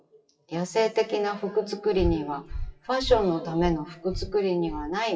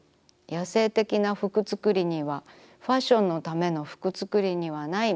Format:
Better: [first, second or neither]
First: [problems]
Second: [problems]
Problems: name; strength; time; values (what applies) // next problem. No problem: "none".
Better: second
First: noise reduction (classical method WPE with log-MMSE)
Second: none